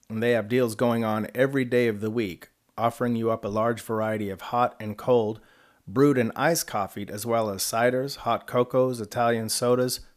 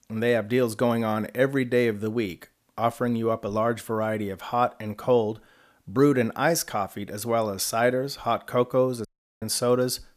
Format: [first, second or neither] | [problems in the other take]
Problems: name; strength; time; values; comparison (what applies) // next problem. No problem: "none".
first | audio cutting out; at 9 s